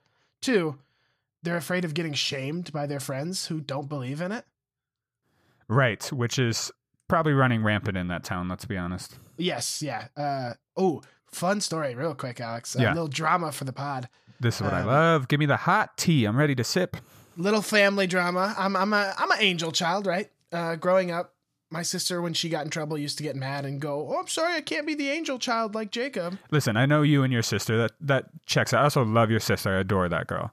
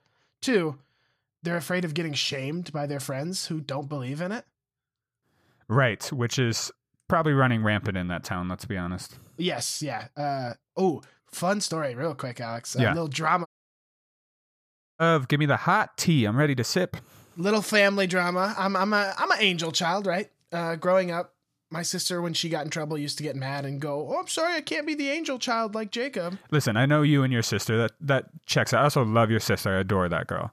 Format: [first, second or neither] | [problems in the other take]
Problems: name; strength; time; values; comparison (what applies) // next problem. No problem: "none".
first | audio cutting out; at 13 s for 1.5 s